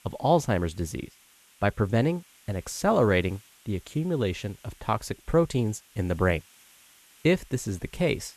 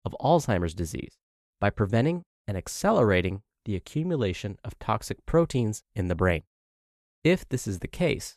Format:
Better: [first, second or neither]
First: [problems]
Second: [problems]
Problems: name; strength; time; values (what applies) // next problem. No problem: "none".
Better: second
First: hiss; faint; throughout; 25 dB below the speech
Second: none